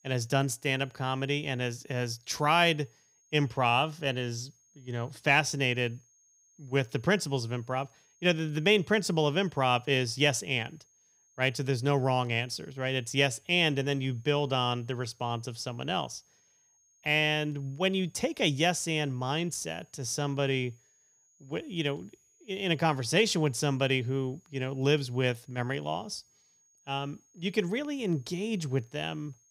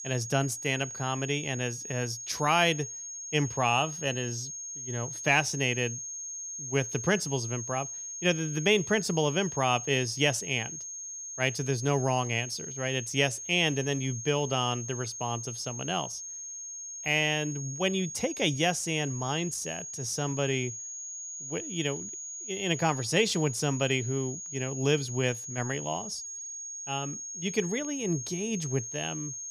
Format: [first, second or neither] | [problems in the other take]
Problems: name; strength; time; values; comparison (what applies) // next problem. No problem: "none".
first | high-pitched whine; loud; throughout; 6.5 kHz, 7 dB below the speech; faint in the first